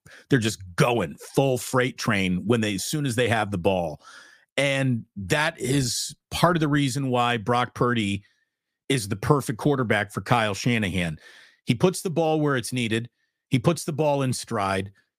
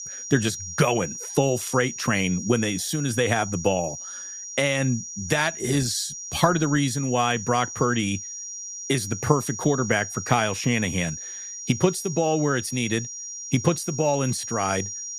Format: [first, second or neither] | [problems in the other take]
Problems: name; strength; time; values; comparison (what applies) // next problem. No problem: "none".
first | high-pitched whine; loud; throughout; 6 kHz, 8 dB below the speech